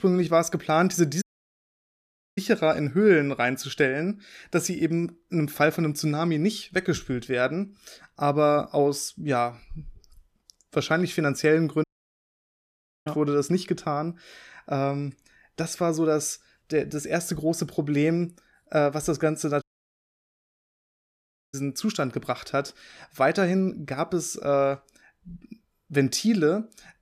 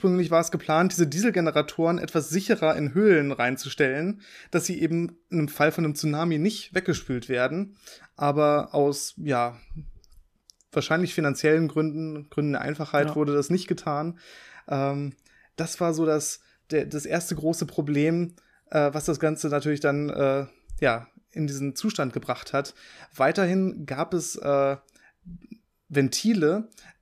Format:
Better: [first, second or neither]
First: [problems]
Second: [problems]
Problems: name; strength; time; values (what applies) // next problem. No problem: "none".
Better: second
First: audio cutting out; at 1 s for 1 s, at 12 s for 1 s and at 20 s for 2 s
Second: none